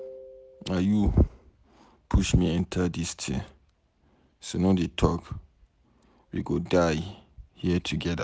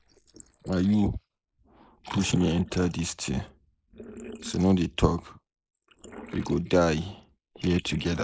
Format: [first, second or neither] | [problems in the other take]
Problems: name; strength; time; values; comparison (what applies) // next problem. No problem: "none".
first | noise reduction (neural mask model Resemble Enhance denoiser)